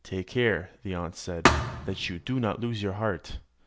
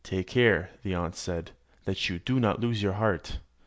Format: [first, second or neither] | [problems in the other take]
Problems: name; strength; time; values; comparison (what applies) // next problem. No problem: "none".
second | background sound (Thump, thud); 3 dB above the speech